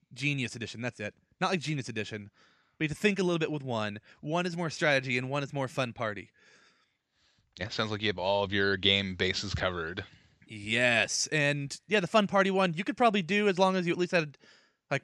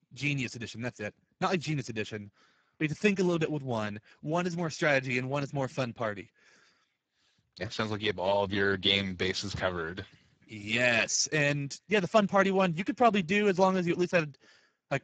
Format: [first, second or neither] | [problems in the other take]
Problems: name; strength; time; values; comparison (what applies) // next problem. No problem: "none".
first | garbled, watery; badly